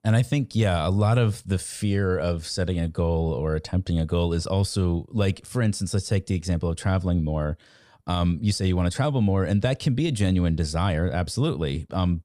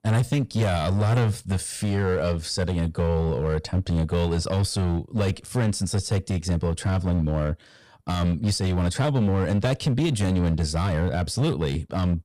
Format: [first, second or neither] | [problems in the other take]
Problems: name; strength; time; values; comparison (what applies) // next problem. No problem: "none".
first | distortion; slight; 11% of the sound clipped